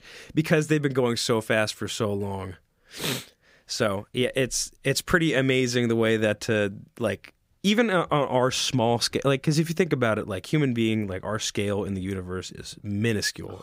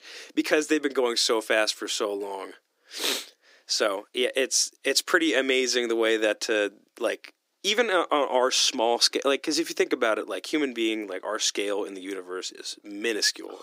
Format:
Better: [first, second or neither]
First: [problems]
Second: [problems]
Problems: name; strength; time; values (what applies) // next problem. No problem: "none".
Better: first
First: none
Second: thin; somewhat; fading below 300 Hz